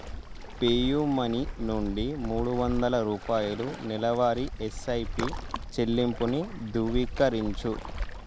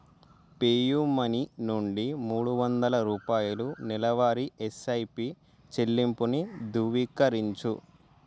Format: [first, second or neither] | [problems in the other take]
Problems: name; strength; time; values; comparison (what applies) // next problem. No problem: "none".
second | background sound (Waves, surf); 7 dB below the speech